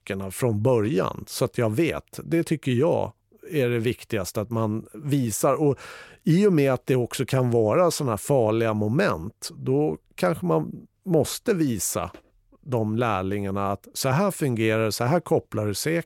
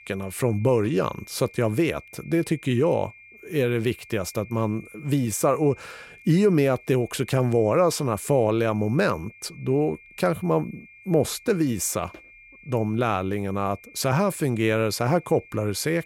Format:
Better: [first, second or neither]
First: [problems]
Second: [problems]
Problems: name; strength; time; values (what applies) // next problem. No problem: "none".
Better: first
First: none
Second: high-pitched whine; faint; throughout; 2.5 kHz, 20 dB below the speech